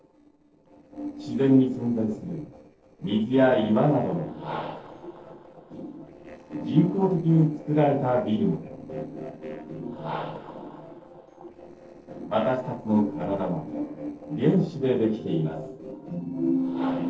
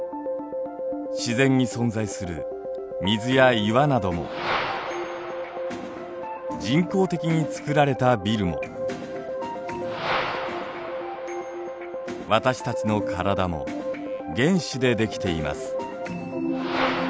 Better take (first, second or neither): second